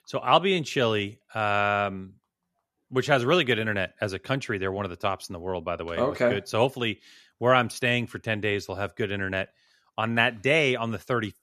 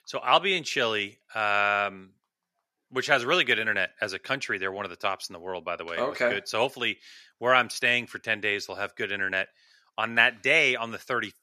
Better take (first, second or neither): first